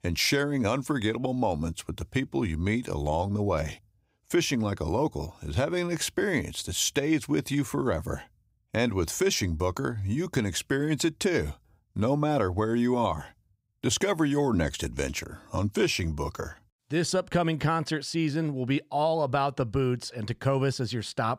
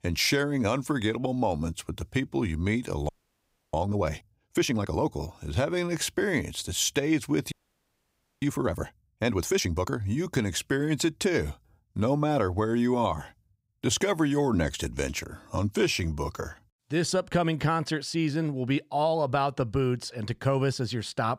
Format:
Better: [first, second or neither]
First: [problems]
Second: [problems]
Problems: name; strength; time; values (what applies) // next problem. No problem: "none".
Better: first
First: none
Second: audio freezing; at 3 s for 0.5 s and at 7.5 s for 1 s